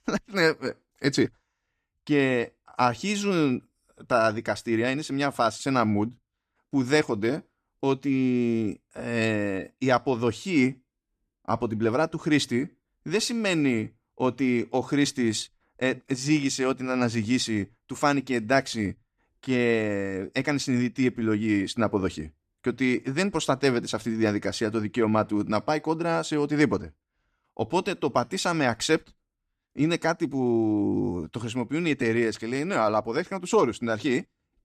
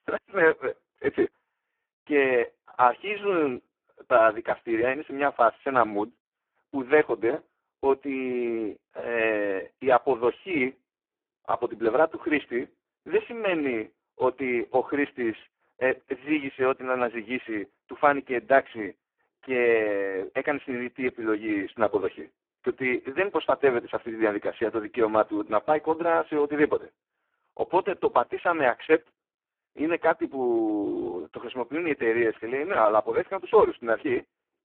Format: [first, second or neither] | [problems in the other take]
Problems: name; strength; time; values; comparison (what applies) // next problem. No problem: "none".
first | phone-call audio; poor line